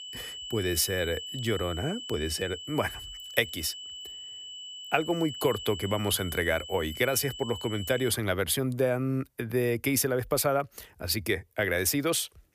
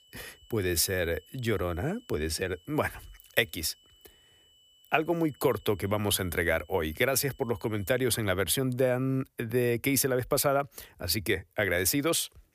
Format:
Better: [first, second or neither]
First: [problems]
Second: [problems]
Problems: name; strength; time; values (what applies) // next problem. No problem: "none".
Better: second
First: high-pitched whine; loud; until 8 s; 3 kHz, 10 dB below the speech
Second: high-pitched whine; faint; until 8 s; 3 kHz, 30 dB below the speech